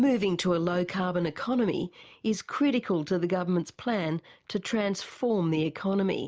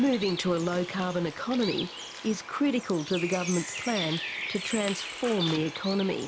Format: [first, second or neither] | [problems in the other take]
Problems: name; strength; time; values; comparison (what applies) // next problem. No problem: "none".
first | background sound (Bird); 9 dB below the speech